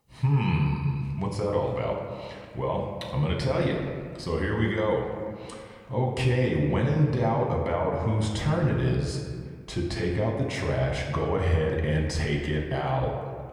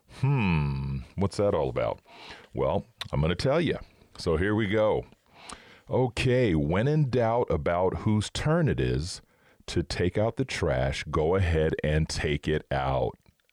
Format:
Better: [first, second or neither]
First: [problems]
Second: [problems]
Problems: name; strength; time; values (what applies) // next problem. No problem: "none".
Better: second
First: room echo; noticeable; dies away in 1.5 s // off-mic speech; somewhat distant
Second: none